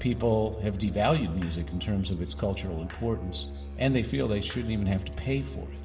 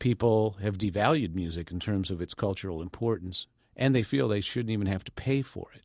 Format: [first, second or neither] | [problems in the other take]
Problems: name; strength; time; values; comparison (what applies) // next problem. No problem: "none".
second | background sound (Musical instrument); 9 dB below the speech // room echo; dies away in 2.6 s